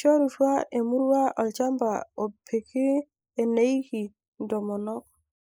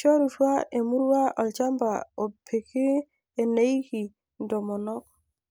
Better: second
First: noise reduction (neural mask model Resemble Enhance denoiser)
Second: none

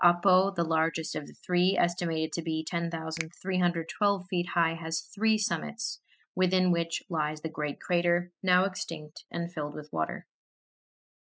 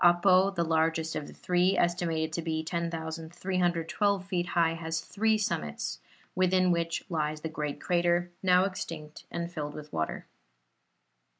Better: second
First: noise reduction (classical method spectral subtraction)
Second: none

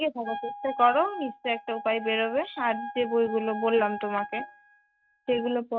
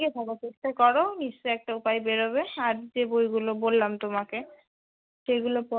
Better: second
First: noise reduction (neural mask model RNNoise)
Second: none

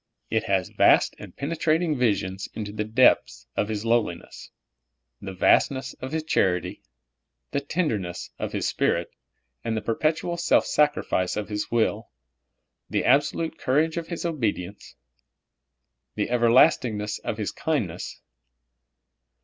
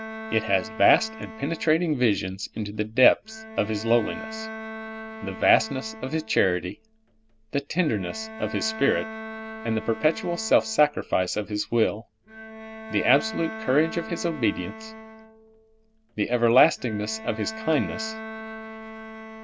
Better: first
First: none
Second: background sound (Bowed string instrument); 13 dB below the speech

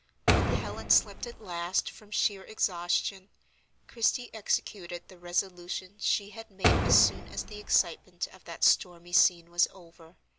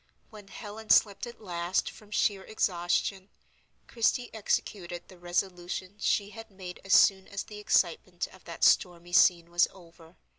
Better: second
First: background sound (Door); 2 dB above the speech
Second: none

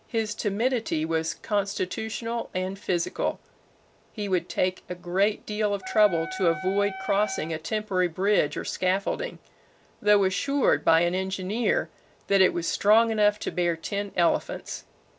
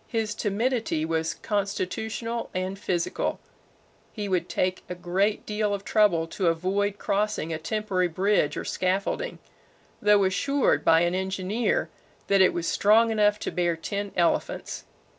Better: second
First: background sound (Wind instrument, woodwind instrument); 11 dB below the speech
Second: none

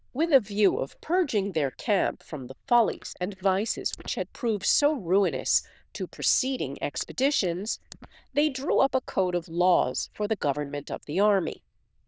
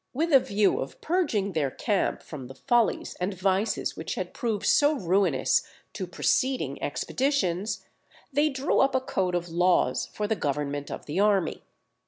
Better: second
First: noise reduction (neural diffusion model UNIVERSE++)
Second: none

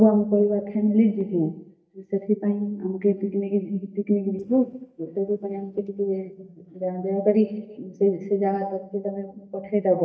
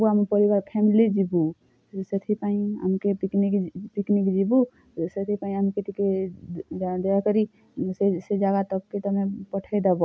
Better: second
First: noise reduction (neural mask model DeepFilterNet 3)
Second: none

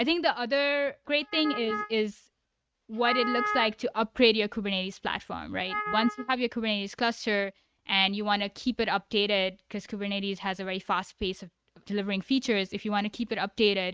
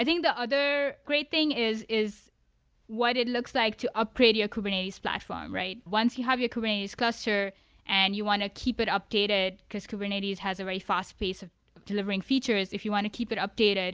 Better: second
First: noise reduction (neural mask model RNNoise)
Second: none

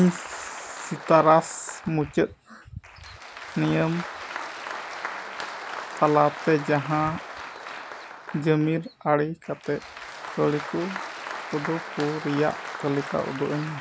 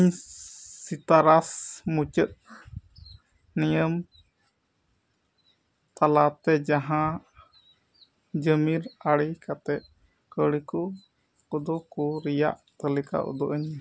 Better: second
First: background sound (Applause); 11 dB below the speech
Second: none

